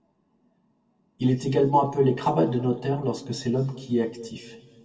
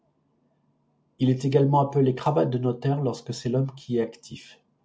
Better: second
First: room echo; dies away in 1.5 s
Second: none

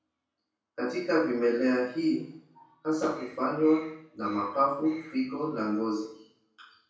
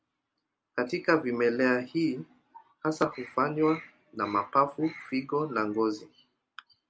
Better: second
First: room echo; dies away in 0.6 s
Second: none

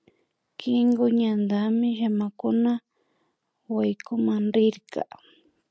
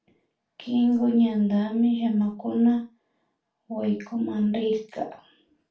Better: first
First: none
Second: room echo; dies away in 0.3 s

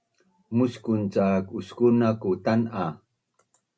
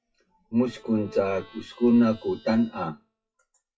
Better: first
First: none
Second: noise reduction (classical method WPE with log-MMSE)

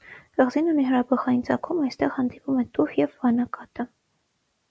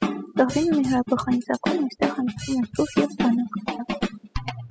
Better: first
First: none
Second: noise reduction (classical method spectral subtraction)

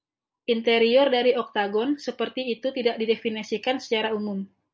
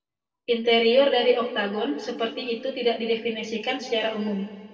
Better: first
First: none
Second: room echo; dies away in 1.8 s

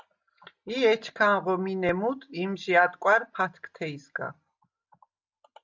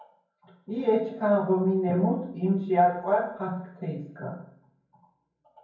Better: first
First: none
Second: room echo; dies away in 0.9 s

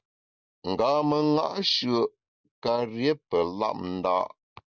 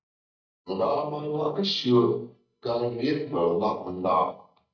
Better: first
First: none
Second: noise reduction (neural mask model DeepFilterNet 3)

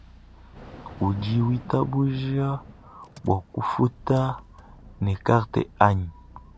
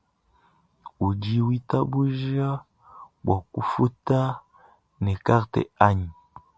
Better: second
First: background sound (Thunder / Rain + Engine); 19 dB below the speech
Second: none

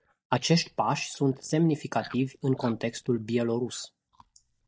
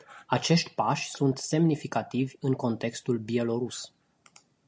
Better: second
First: noise reduction (neural mask model DeepFilterNet 3)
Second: none

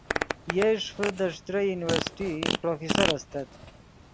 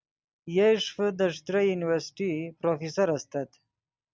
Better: second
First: background sound (Fart); 3 dB below the speech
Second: none

